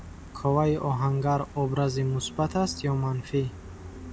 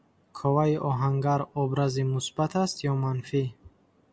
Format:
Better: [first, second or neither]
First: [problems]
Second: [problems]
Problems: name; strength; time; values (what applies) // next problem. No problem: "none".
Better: second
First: background sound (Gull, seagull); 15 dB below the speech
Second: none